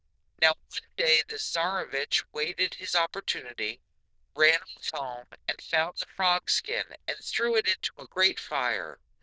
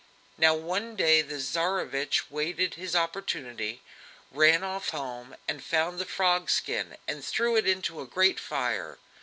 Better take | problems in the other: second | noise reduction (neural diffusion model UNIVERSE++)

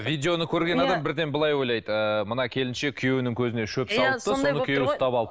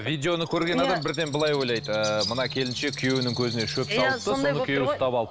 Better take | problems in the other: first | background sound (Bird + Guitar); 11 dB below the speech

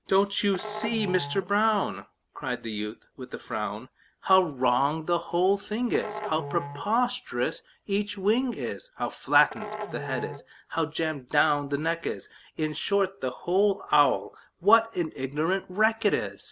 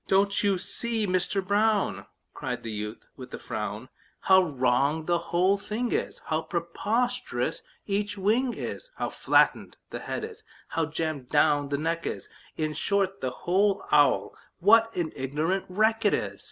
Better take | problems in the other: second | background sound (Musical instrument); 13 dB below the speech

